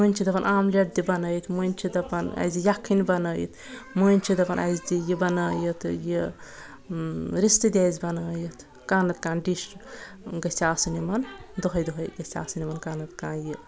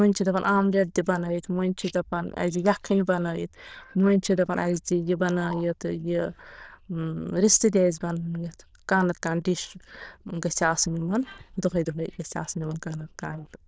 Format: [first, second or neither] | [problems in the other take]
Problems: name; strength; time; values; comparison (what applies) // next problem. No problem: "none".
first | noise reduction (neural diffusion model UNIVERSE++)